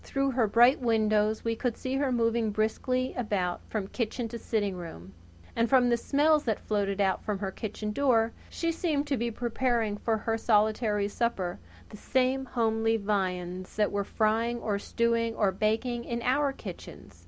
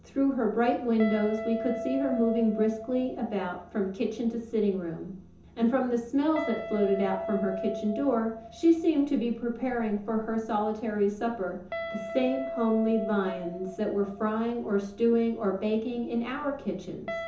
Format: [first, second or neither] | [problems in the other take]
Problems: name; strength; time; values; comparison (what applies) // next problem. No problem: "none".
first | background sound (Guitar); 11 dB below the speech // room echo; dies away in 0.6 s